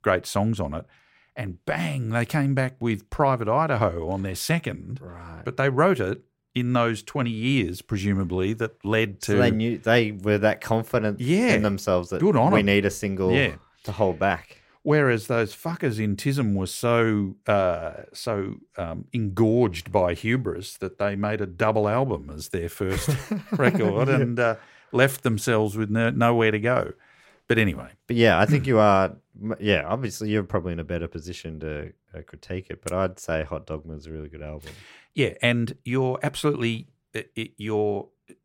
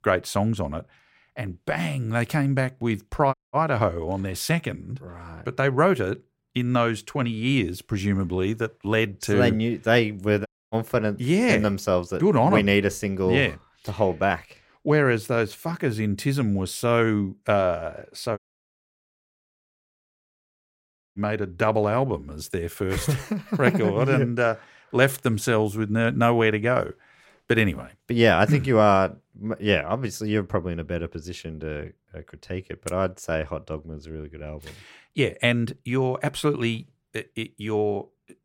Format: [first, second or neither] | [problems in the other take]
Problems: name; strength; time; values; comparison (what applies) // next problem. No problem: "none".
first | audio cutting out; at 3.5 s, at 10 s and at 18 s for 3 s